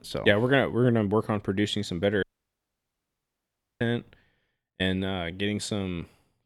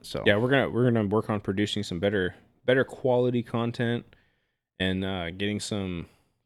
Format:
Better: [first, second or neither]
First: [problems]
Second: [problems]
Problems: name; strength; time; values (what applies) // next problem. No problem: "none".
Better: second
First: audio cutting out; at 2 s for 1.5 s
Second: none